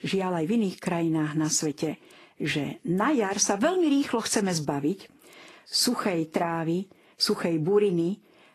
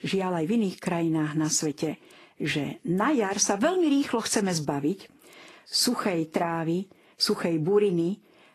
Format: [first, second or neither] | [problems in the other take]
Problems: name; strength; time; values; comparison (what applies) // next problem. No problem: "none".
neither | garbled, watery; slightly; nothing above 12.5 kHz; the same in both